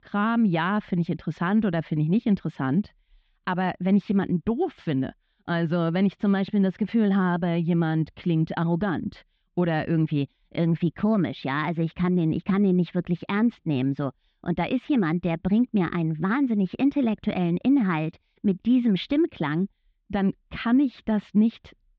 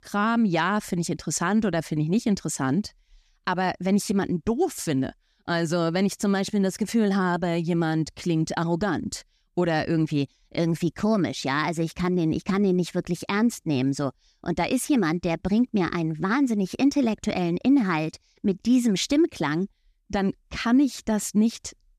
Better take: second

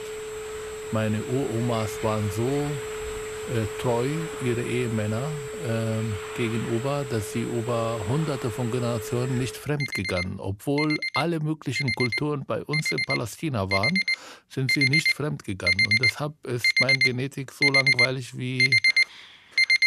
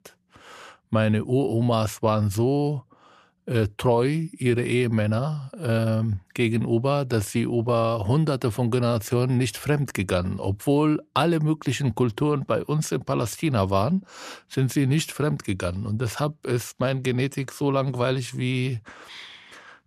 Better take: second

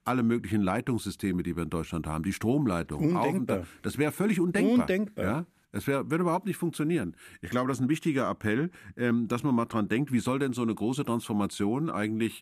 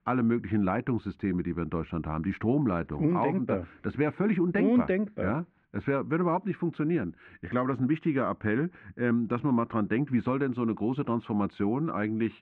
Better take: first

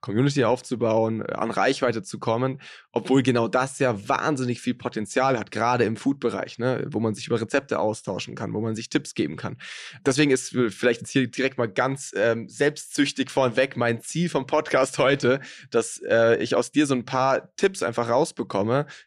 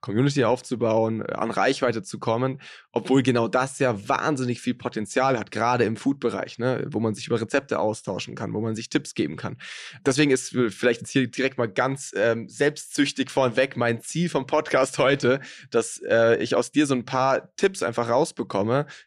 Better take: neither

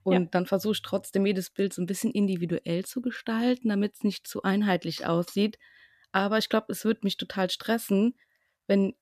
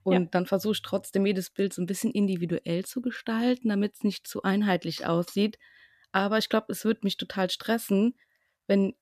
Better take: neither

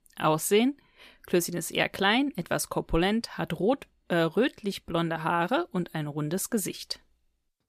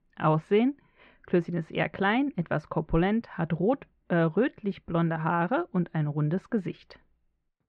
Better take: first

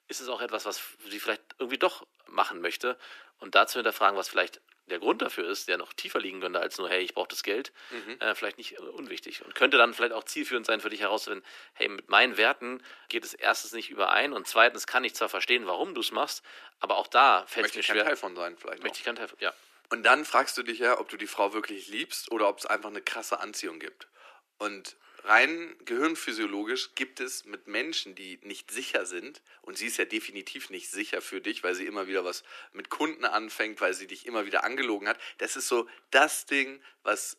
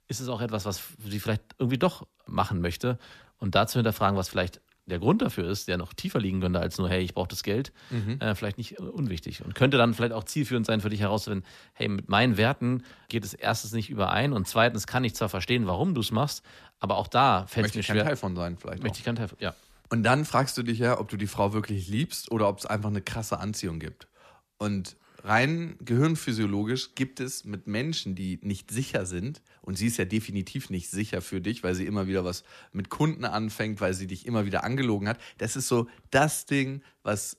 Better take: second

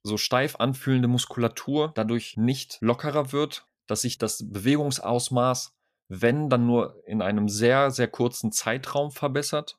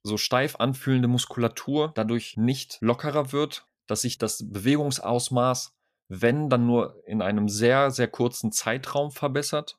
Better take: neither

